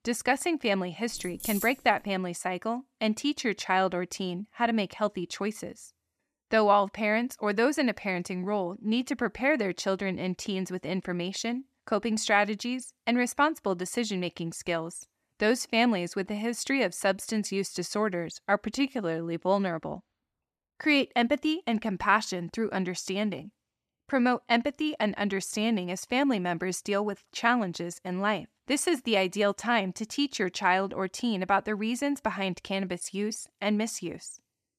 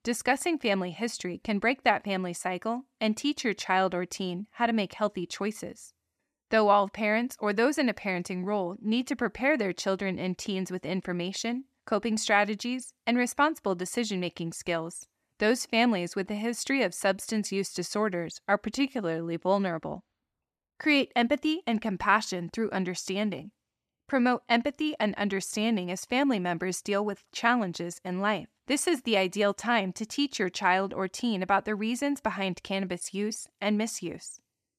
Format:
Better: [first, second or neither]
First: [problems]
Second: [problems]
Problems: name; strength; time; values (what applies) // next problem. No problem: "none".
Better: second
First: jangling keys; noticeable; at 1 s; peak 6 dB below the speech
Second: none